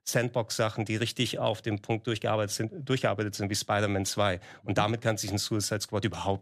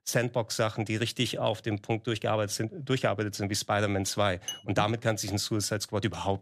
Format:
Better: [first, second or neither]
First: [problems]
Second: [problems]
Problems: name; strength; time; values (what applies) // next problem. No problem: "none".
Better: first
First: none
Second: clattering dishes; noticeable; at 4.5 s; peak 9 dB below the speech